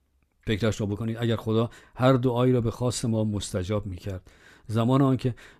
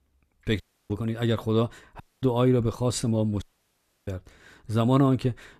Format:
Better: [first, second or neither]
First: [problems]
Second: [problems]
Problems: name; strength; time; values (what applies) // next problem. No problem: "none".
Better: first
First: none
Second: audio cutting out; at 0.5 s, at 2 s and at 3.5 s for 0.5 s